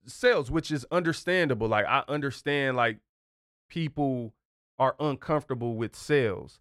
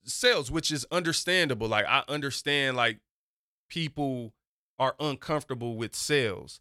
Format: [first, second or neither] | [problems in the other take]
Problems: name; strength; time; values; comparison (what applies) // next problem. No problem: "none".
second | muffled; slightly; fading above 2.5 kHz